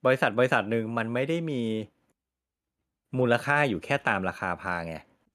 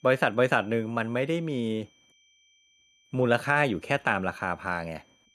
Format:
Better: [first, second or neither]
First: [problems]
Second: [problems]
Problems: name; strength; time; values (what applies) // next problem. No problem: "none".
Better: first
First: none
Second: high-pitched whine; faint; throughout; 3 kHz, 35 dB below the speech